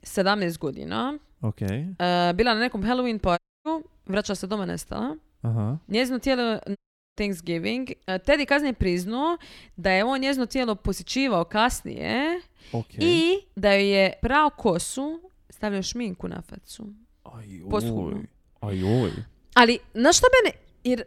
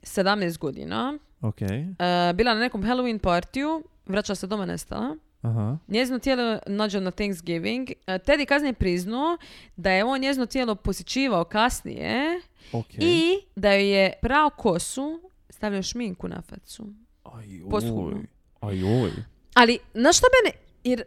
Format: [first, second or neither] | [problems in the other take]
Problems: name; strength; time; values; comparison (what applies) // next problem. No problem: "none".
second | audio cutting out; at 3.5 s and at 7 s